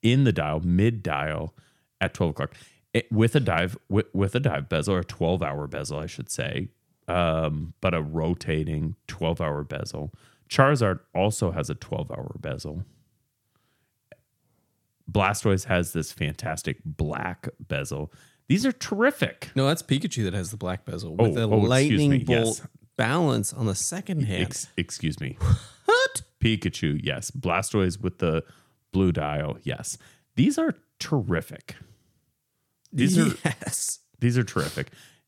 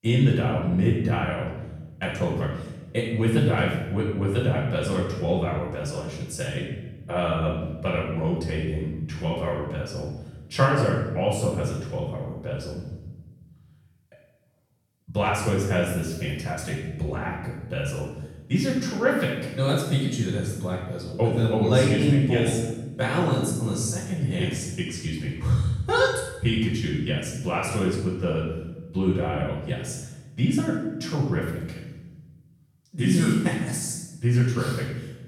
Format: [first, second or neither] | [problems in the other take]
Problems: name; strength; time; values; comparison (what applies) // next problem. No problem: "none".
first | off-mic speech; far // room echo; noticeable; dies away in 0.9 s